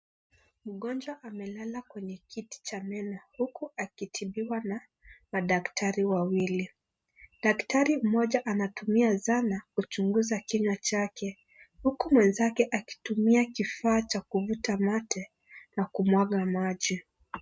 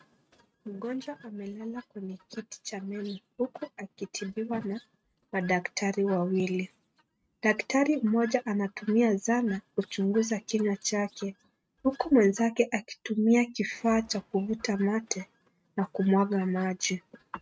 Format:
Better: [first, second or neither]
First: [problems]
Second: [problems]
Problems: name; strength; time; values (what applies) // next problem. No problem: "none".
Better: first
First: none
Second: noise reduction (neural mask model RNNoise)